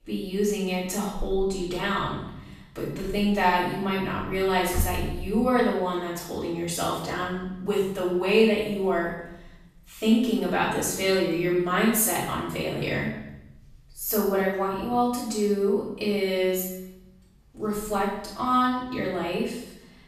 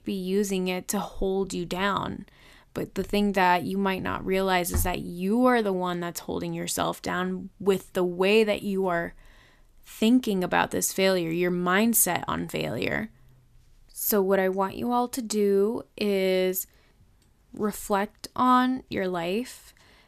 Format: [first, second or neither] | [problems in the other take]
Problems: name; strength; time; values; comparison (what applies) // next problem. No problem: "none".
second | room echo; noticeable; dies away in 0.9 s // off-mic speech; far